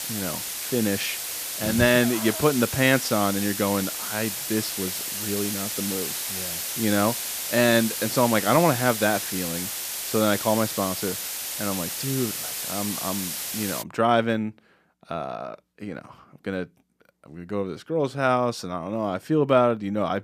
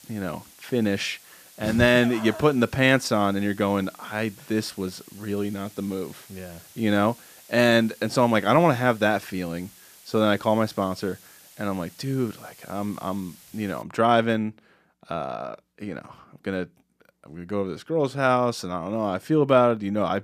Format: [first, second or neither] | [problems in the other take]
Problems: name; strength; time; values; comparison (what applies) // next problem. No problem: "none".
second | hiss; loud; until 14 s; 3 dB below the speech; faint in the second